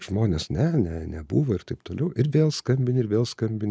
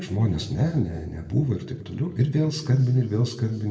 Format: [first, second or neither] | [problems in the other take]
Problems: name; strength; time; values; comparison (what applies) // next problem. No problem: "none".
first | room echo; dies away in 1.6 s